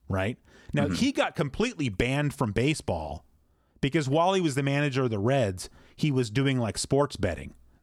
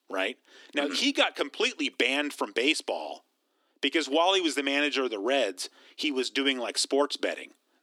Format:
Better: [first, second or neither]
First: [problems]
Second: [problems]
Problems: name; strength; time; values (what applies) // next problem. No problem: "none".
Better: first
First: none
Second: thin; very slightly; fading below 300 Hz